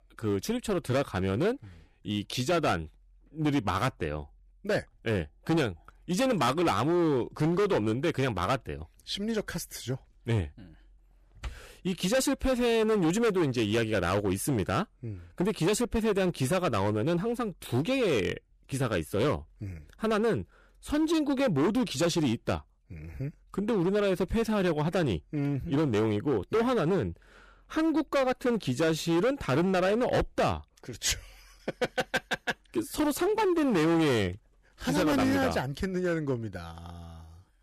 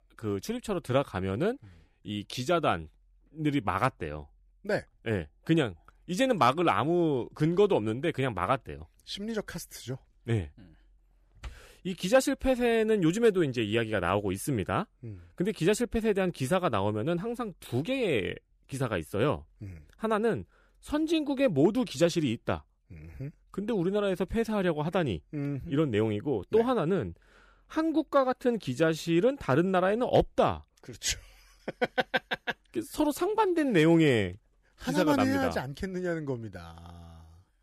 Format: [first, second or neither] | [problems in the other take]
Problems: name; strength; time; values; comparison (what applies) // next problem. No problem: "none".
second | distortion; heavy; 13% of the sound clipped